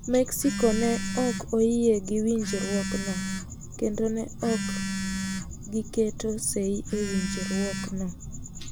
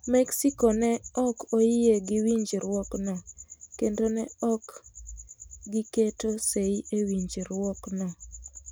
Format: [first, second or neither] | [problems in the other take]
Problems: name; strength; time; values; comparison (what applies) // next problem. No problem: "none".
second | background sound (Telephone); 5 dB below the speech